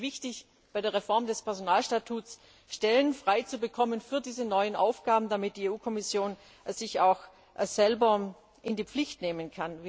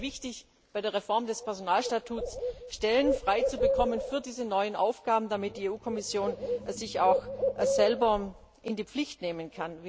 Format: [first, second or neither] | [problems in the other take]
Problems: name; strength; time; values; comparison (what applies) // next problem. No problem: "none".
first | background sound (Bird); 4 dB below the speech